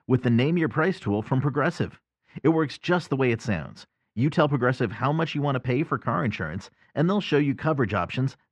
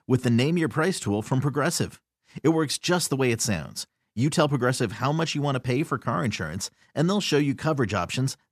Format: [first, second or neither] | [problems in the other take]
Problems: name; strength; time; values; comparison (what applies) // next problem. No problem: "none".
second | muffled; very; fading above 2 kHz